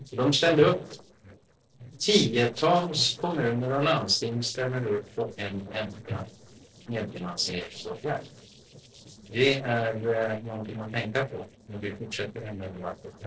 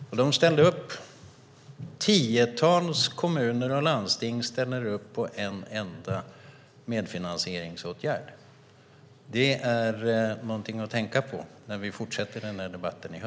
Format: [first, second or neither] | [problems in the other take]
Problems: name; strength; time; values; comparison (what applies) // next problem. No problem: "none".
second | noise reduction (neural separator model SepFormer DNS4)